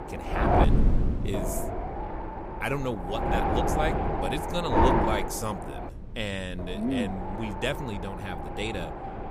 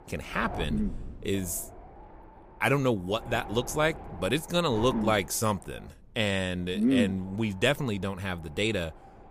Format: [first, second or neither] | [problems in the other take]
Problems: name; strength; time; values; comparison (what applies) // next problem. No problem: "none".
second | wind noise on the microphone; heavy; 3 dB above the speech; occasional gusts in the second